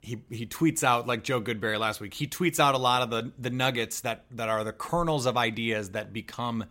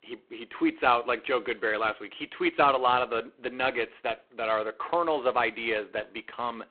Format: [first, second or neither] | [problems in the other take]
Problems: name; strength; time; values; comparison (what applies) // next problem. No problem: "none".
first | phone-call audio; poor line